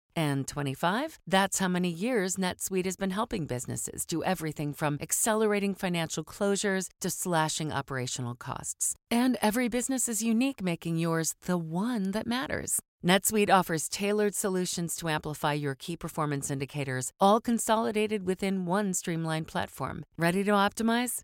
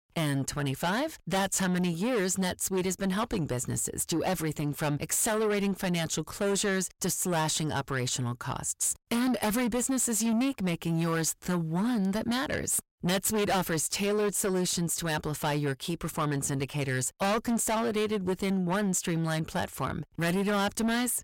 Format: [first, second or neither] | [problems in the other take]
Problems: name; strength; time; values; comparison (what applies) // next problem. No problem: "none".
first | distortion; heavy; 6 dB below the speech